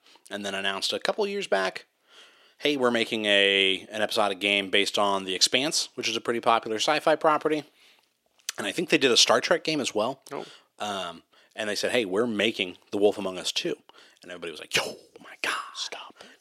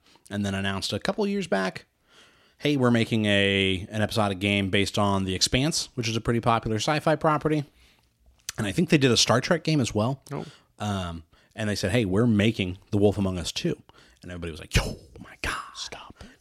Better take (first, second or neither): second